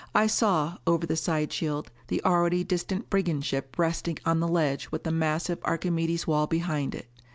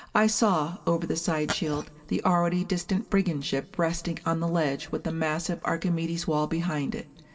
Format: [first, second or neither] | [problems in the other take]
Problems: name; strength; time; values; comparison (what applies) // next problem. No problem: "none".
first | background sound (Glass); 7 dB below the speech // room echo; dies away in 1.9 s